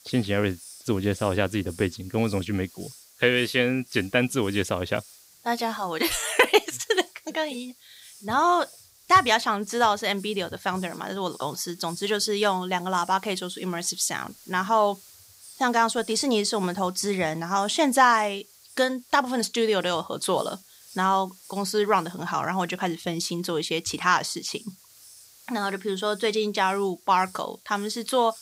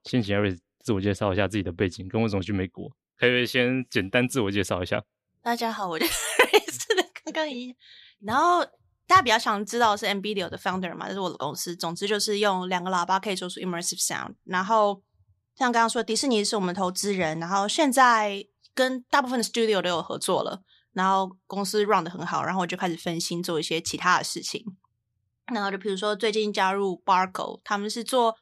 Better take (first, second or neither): second